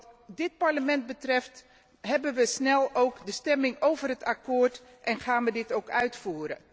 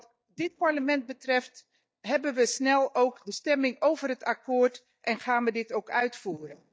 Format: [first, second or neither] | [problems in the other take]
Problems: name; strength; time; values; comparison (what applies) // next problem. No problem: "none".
first | noise reduction (neural mask model DeepFilterNet 3)